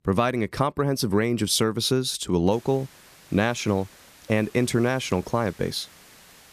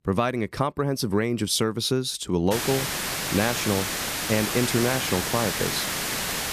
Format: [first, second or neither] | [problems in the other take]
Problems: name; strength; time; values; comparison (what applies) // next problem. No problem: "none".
first | hiss; loud; from 2.5 s on; 1 dB below the speech; faint in the first